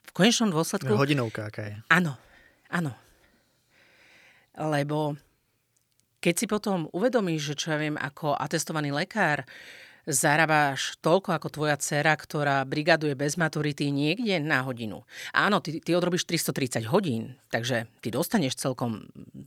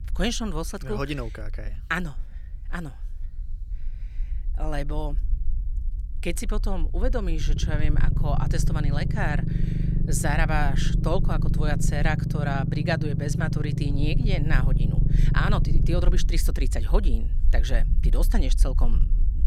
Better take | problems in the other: first | low rumble; loud; throughout; 7 dB below the speech

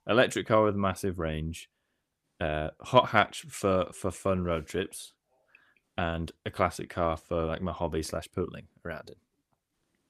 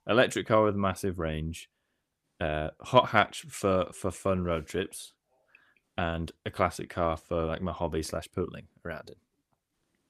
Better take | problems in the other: neither | none

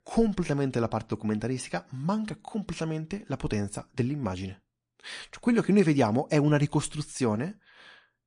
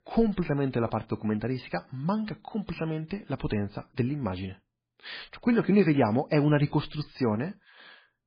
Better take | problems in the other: first | garbled, watery; badly; nothing above 4.5 kHz; slightly in the first

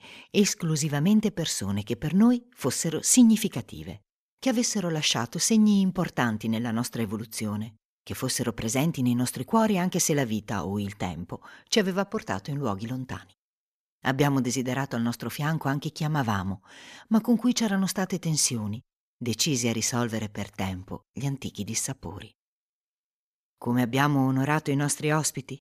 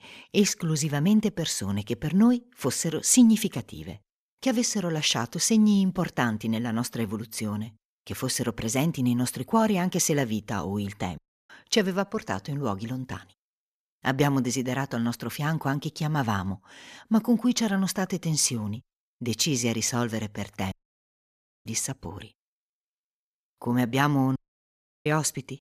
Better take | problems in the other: first | audio cutting out; at 11 s, at 21 s for 1 s and at 24 s for 0.5 s

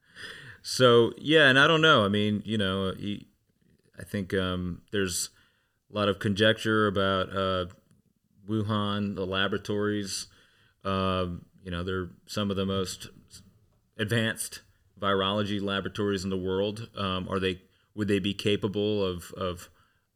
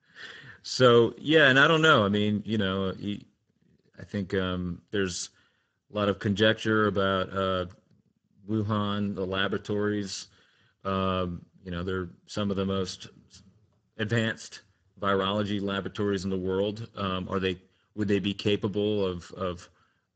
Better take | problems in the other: first | garbled, watery; badly; nothing above 8 kHz

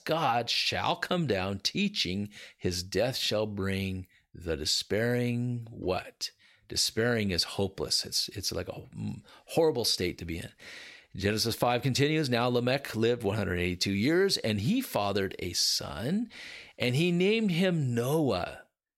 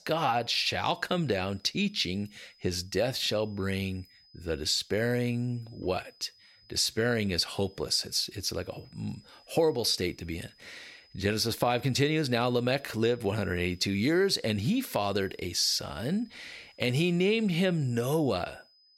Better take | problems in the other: first | high-pitched whine; faint; throughout; 5 kHz, 30 dB below the speech

